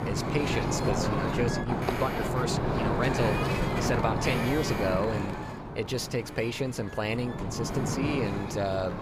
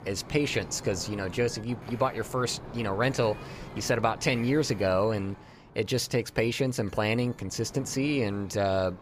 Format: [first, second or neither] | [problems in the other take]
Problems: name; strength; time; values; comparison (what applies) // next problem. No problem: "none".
second | wind noise on the microphone; heavy; as loud as the speech; occasional gusts in the second